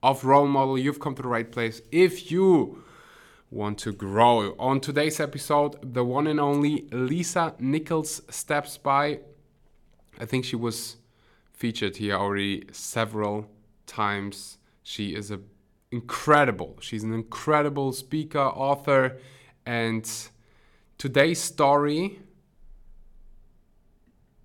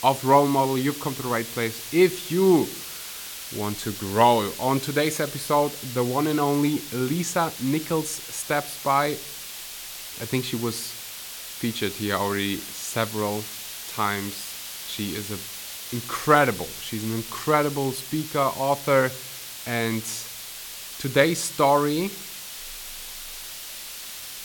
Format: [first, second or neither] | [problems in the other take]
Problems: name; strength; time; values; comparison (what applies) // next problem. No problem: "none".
first | hiss; loud; throughout; 10 dB below the speech